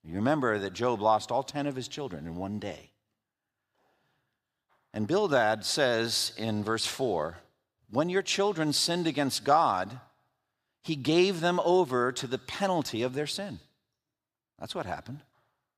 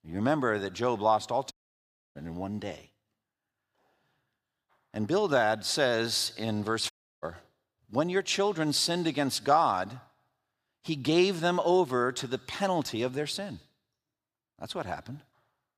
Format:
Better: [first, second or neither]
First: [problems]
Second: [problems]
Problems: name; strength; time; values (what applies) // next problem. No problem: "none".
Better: first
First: none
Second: audio cutting out; at 1.5 s for 0.5 s and at 7 s